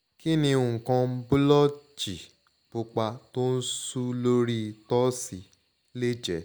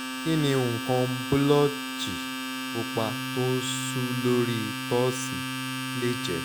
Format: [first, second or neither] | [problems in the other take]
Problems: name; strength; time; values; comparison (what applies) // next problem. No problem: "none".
first | background sound (Domestic sounds, home sounds); 4 dB below the speech